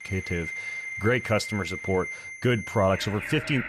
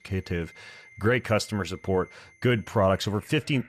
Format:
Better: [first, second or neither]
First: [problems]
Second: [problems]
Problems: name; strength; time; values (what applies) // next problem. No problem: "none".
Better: second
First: alarms or sirens; loud; throughout; 7 dB below the speech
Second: alarms or sirens; faint; throughout; 25 dB below the speech